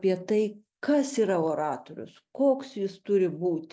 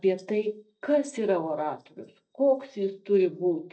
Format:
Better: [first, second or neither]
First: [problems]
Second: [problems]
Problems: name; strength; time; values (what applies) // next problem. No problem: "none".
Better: first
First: none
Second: noise reduction (neural mask model DeepFilterNet 3)